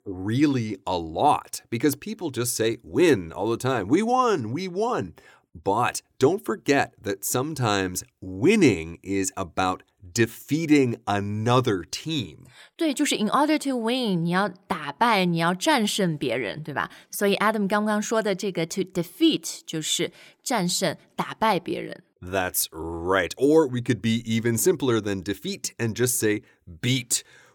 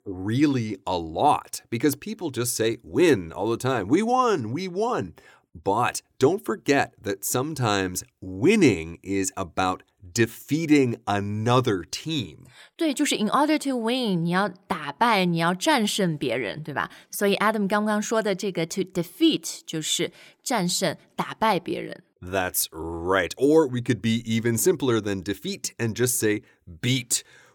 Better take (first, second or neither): neither